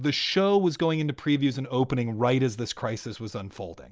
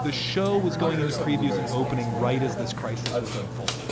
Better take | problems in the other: first | background sound (Burping, eructation); 1 dB below the speech

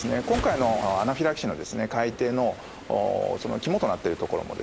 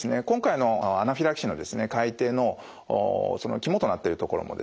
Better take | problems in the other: second | background sound (Waves, surf); 13 dB below the speech

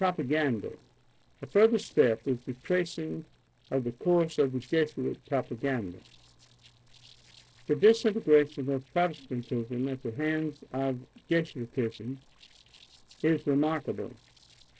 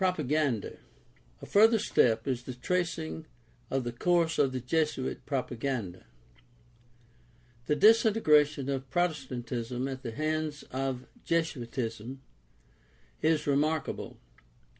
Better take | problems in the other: second | noise reduction (neural separator model SepFormer DNS4)

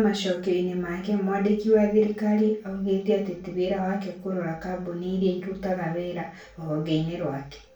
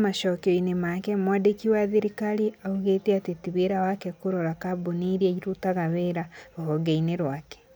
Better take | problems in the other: second | room echo; dies away in 0.3 s

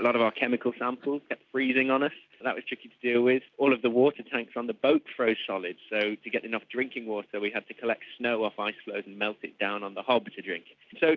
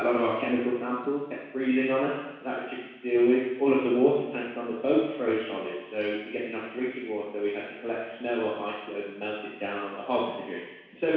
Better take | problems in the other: first | room echo; dies away in 1.1 s

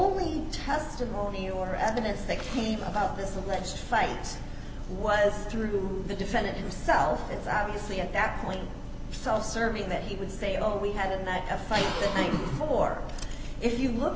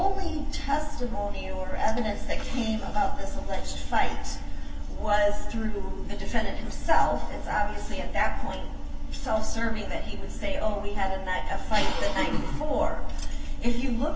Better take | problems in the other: first | room echo; dies away in 0.2 s

